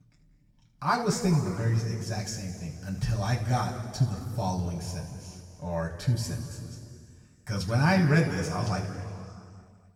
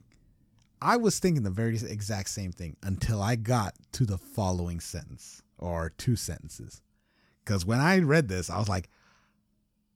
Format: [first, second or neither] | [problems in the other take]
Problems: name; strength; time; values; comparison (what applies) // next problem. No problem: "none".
second | room echo; noticeable; dies away in 2.3 s // off-mic speech; far